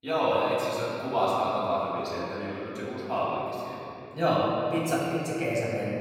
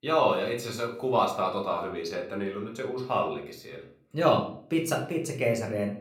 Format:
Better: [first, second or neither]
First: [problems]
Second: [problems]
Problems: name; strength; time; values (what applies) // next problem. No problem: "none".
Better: second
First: room echo; strong; dies away in 2.6 s // off-mic speech; far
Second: room echo; slight; dies away in 0.4 s // off-mic speech; somewhat distant